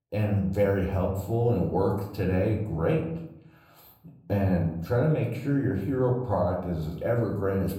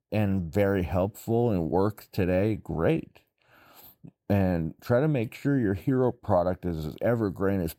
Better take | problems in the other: second | room echo; slight; dies away in 0.6 s // off-mic speech; far

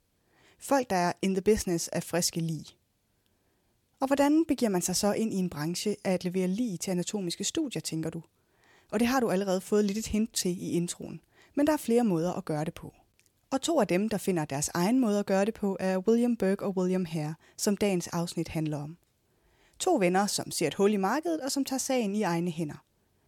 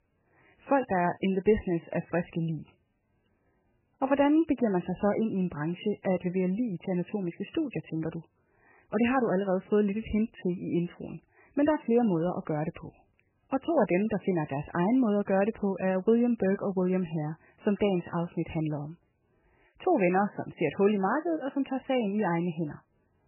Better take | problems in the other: first | garbled, watery; badly; nothing above 3 kHz

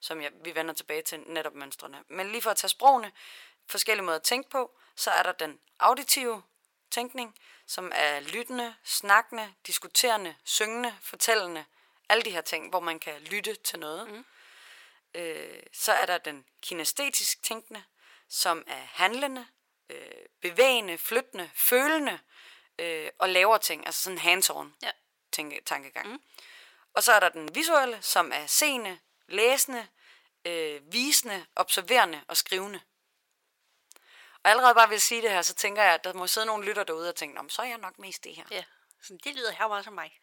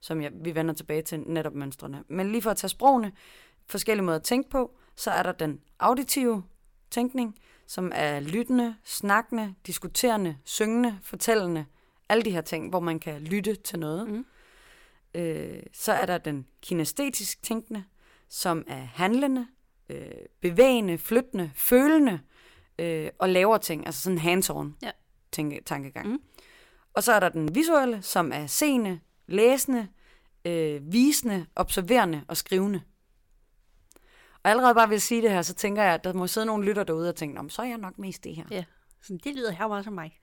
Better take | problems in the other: second | thin; very; fading below 650 Hz

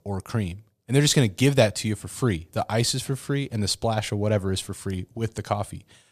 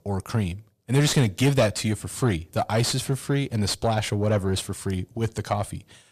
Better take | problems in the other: first | distortion; slight; 10 dB below the speech

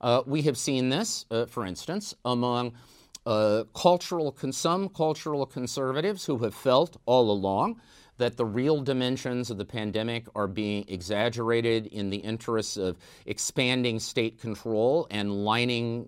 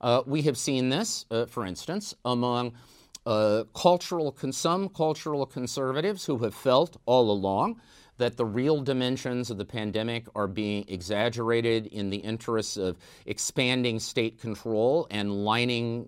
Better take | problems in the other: neither | none

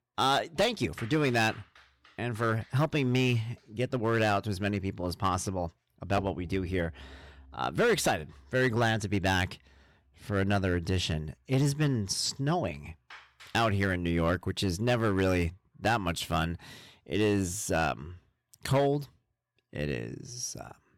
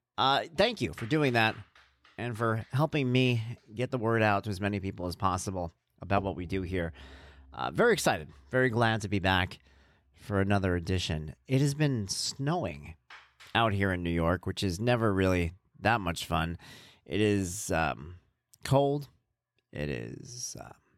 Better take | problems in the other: second | distortion; slight; 4% of the sound clipped

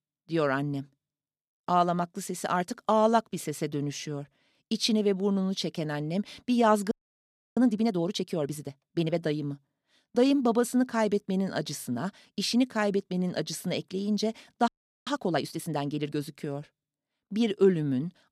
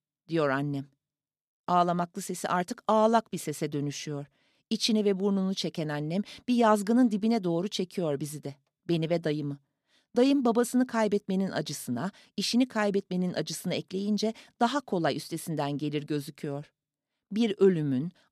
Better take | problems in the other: second | audio freezing; at 7 s for 0.5 s and at 15 s

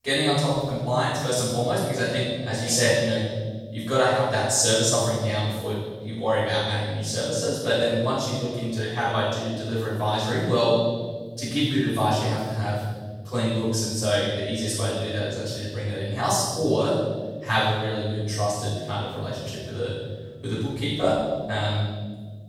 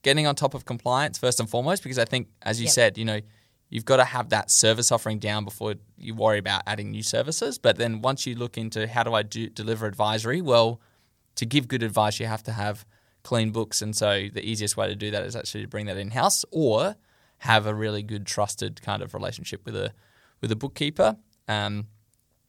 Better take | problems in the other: second | off-mic speech; far // room echo; strong; dies away in 1.5 s

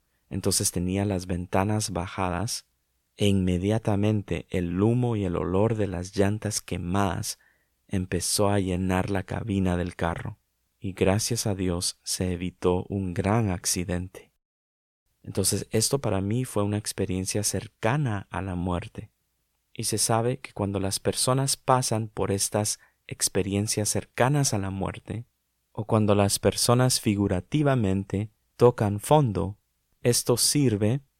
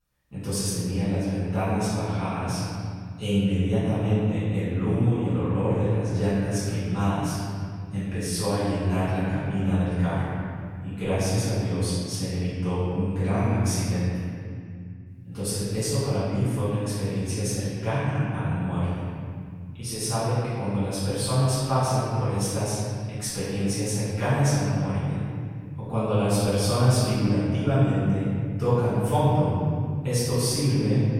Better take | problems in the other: first | room echo; strong; dies away in 2.7 s // off-mic speech; far

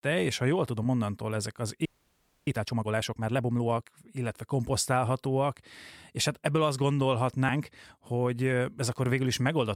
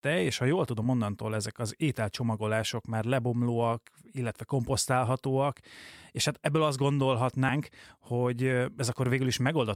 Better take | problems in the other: second | audio freezing; at 2 s for 0.5 s

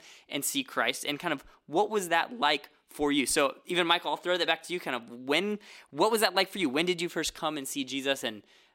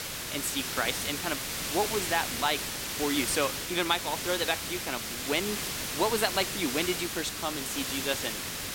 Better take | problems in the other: first | hiss; loud; throughout; 1 dB below the speech

